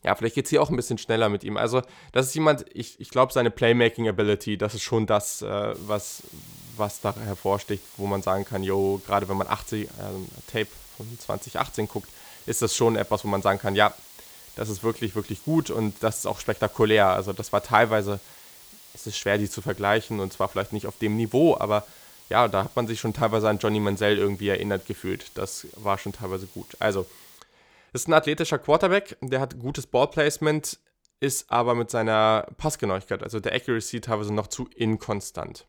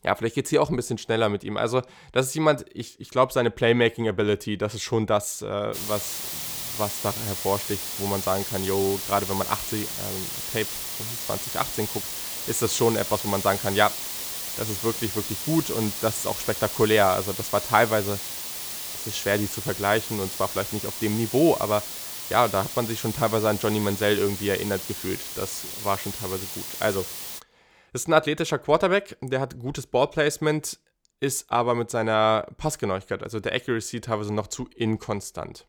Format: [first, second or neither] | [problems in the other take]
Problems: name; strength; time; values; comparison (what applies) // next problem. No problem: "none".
first | hiss; loud; from 5.5 to 27 s; 5 dB below the speech; faint in the first